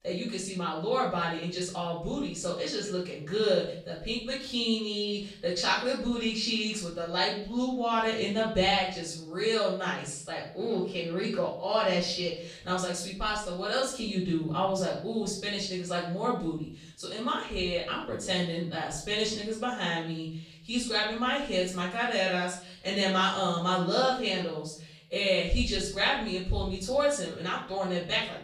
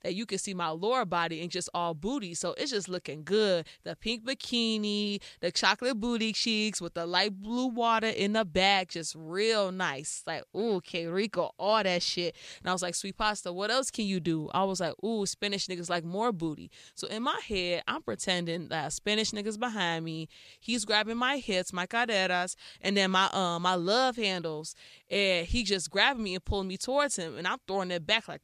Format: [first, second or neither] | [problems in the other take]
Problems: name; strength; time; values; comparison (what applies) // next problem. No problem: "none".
second | off-mic speech; far // room echo; noticeable; dies away in 0.6 s